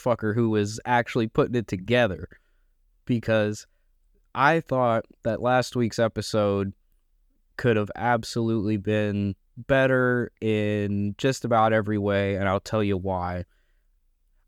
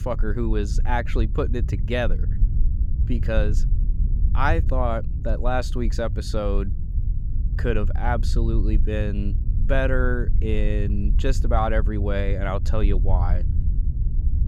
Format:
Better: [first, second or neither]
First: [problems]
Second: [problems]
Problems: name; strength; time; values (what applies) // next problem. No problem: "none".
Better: first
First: none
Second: low rumble; noticeable; throughout; 15 dB below the speech